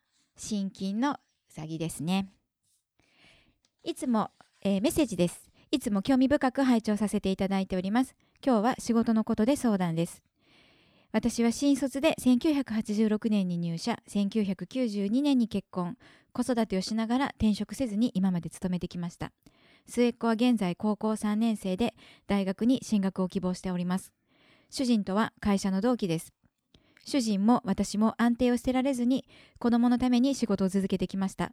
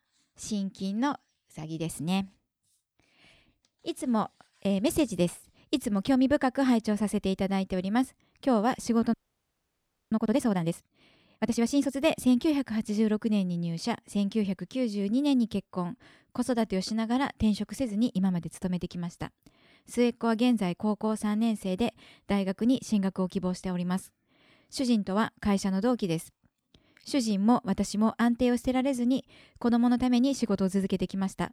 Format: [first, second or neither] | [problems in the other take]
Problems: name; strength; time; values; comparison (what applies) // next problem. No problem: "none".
first | audio freezing; at 9 s for 1 s